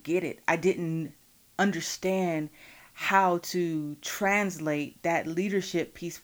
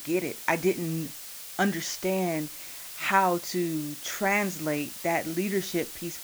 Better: first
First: hiss; faint; throughout; 30 dB below the speech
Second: hiss; loud; throughout; 9 dB below the speech

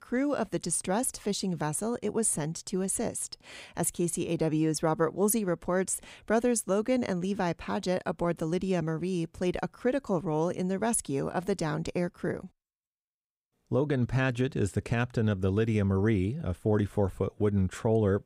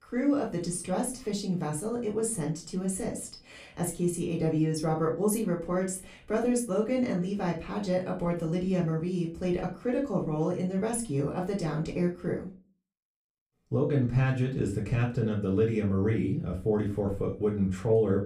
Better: first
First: none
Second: off-mic speech; far // room echo; slight; dies away in 0.3 s

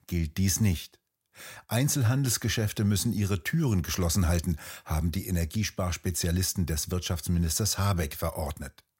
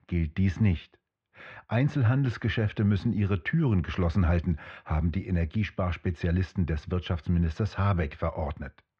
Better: first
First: none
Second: muffled; very; fading above 3 kHz

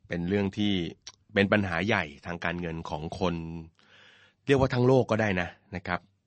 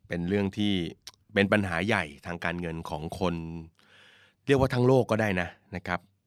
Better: second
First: garbled, watery; slightly; nothing above 8 kHz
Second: none

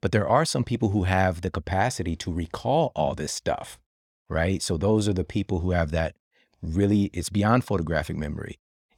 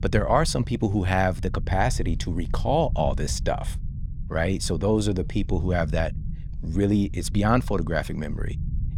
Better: first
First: none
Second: low rumble; faint; throughout; 20 dB below the speech

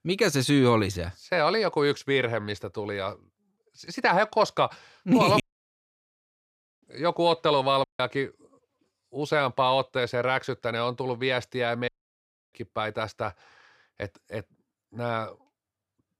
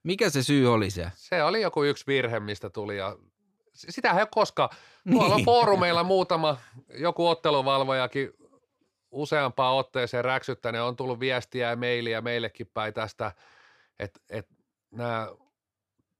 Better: second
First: audio cutting out; at 5.5 s for 1.5 s, at 8 s and at 12 s for 0.5 s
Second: none

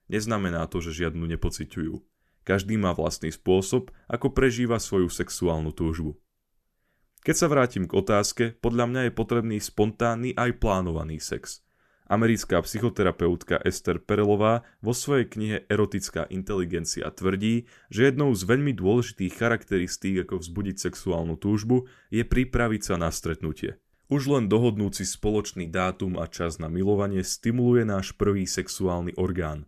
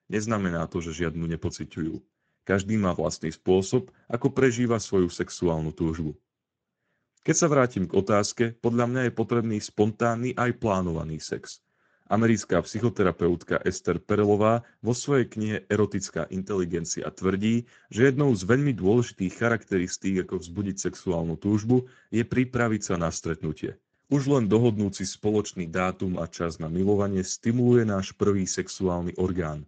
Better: first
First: none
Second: garbled, watery; slightly; nothing above 7.5 kHz

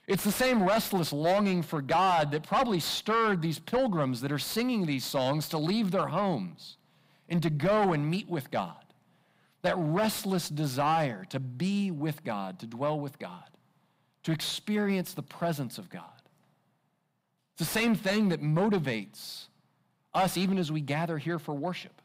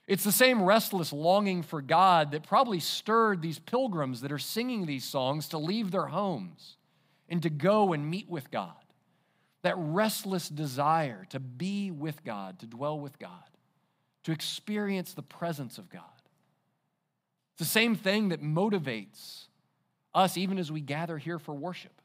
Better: second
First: distortion; heavy; 7 dB below the speech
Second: none

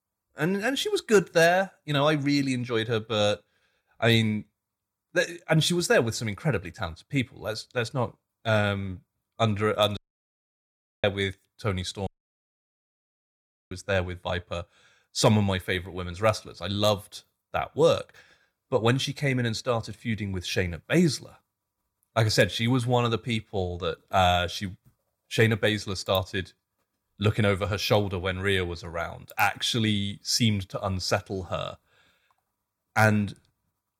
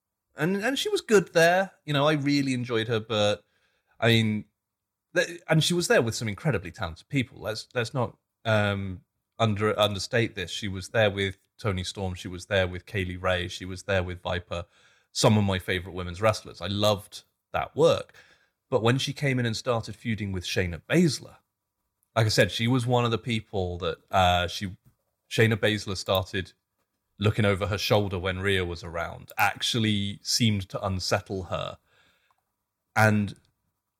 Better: second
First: audio cutting out; at 10 s for 1 s and at 12 s for 1.5 s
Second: none

